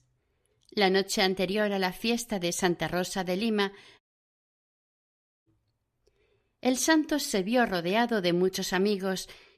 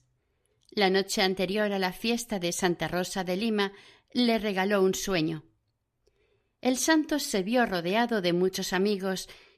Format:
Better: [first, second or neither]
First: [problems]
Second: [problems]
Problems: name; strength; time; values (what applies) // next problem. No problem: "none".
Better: second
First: audio cutting out; at 4 s for 1.5 s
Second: none